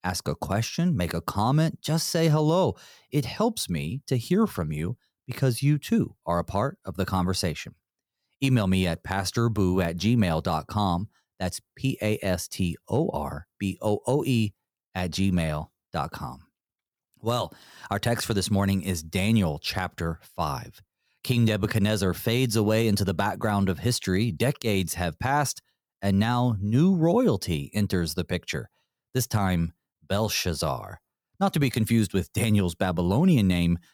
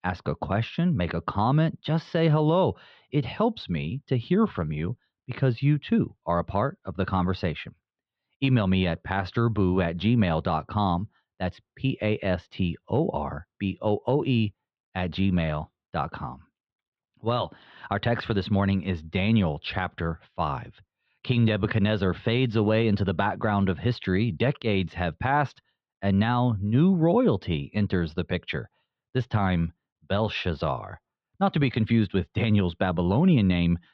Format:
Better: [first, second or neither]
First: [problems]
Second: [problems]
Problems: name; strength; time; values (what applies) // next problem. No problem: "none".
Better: first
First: none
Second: muffled; very; fading above 3.5 kHz